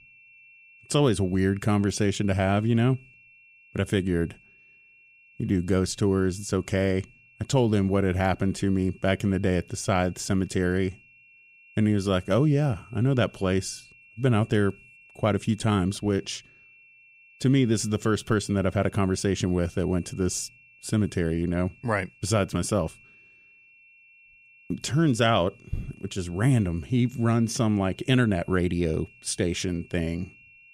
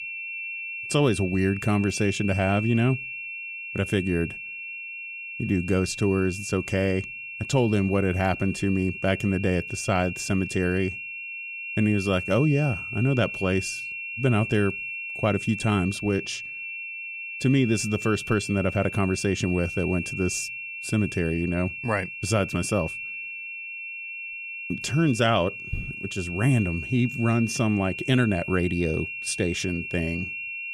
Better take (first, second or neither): first